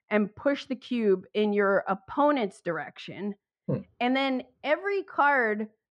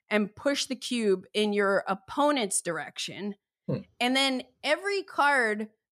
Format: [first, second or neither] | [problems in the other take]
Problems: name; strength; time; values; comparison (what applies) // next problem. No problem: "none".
second | muffled; very; fading above 2 kHz